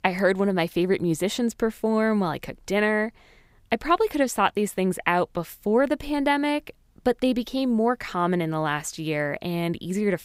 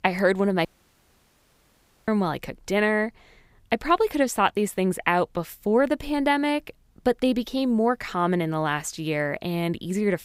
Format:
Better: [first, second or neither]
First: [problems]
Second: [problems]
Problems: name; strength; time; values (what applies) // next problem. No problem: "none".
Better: first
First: none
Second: audio cutting out; at 0.5 s for 1.5 s